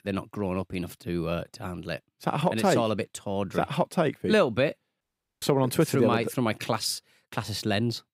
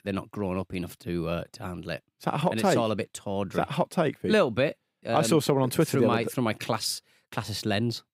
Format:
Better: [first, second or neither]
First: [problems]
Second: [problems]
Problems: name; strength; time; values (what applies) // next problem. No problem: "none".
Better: second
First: audio cutting out; at 5 s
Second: none